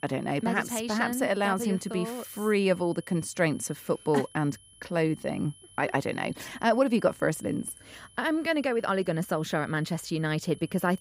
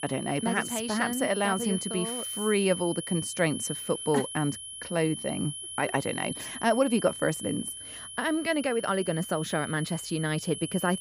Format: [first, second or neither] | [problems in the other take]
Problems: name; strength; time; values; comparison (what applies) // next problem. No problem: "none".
first | high-pitched whine; loud; throughout; 10.5 kHz, 7 dB below the speech; faint in the first